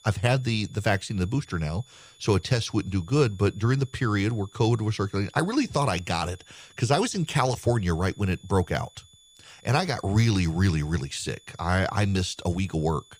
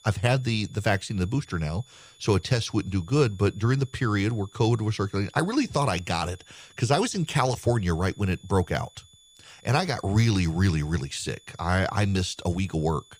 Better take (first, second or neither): neither